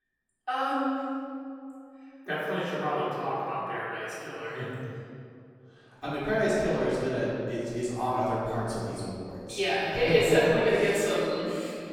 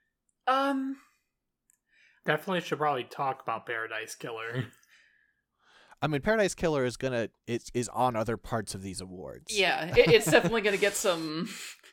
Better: second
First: room echo; strong; dies away in 2.3 s // off-mic speech; far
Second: none

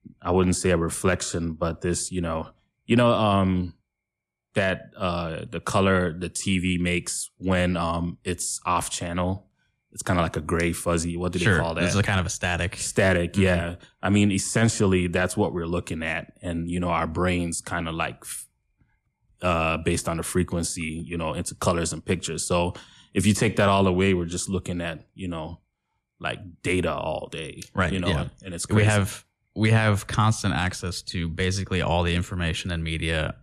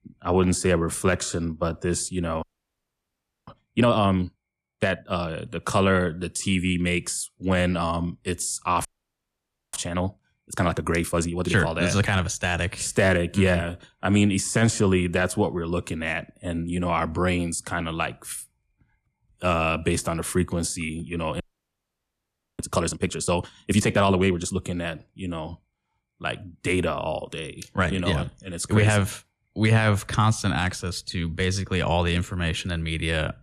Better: first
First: none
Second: audio freezing; at 2.5 s for 1 s, at 9 s for 1 s and at 21 s for 1 s

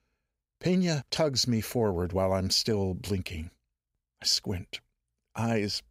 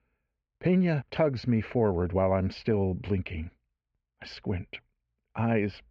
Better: first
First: none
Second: muffled; very; fading above 2.5 kHz

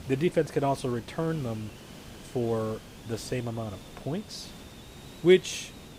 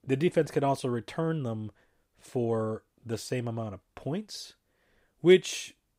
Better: second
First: hiss; noticeable; throughout; 15 dB below the speech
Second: none

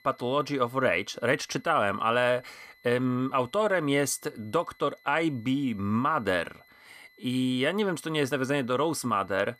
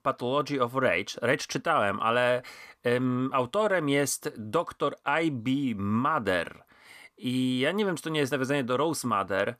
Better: second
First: high-pitched whine; faint; throughout; 2 kHz, 30 dB below the speech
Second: none

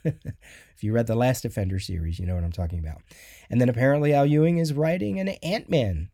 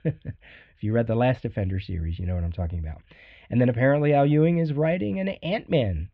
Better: first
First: none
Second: muffled; very; fading above 3.5 kHz

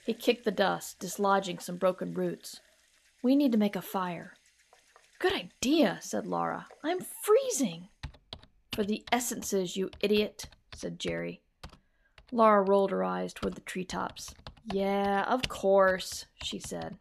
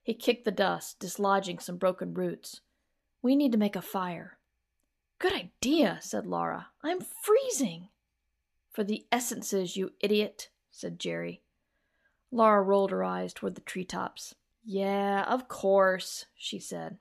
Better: second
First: household noises; noticeable; throughout; 20 dB below the speech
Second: none

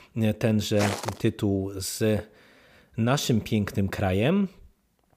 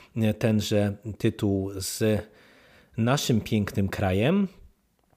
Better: second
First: footsteps; noticeable; at 1 s; peak 4 dB below the speech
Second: none

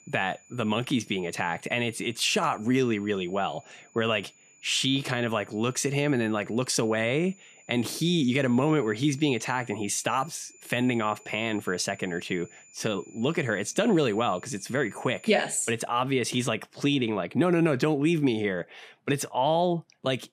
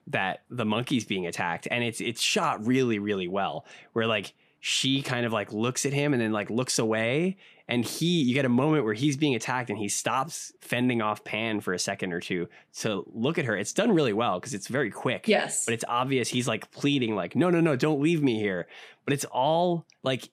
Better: second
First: high-pitched whine; faint; until 16 s; 7 kHz, 25 dB below the speech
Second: none

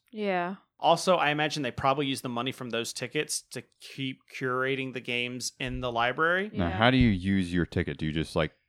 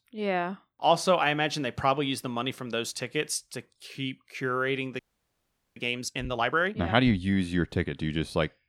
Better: first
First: none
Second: audio freezing; at 5 s for 1 s

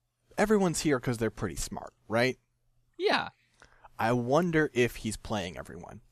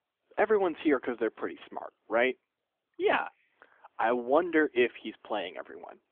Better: first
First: none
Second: phone-call audio; nothing above 3.5 kHz

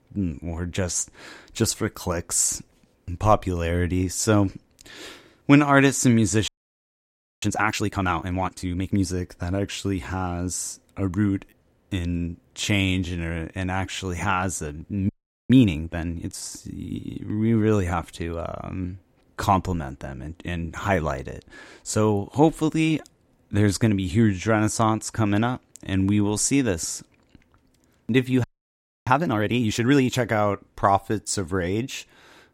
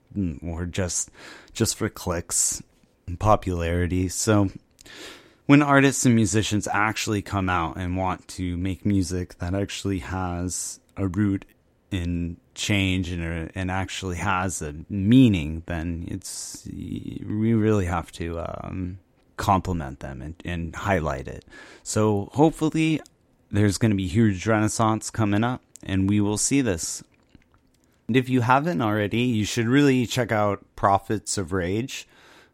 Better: second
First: audio freezing; at 6.5 s for 1 s, at 15 s and at 28 s for 0.5 s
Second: none

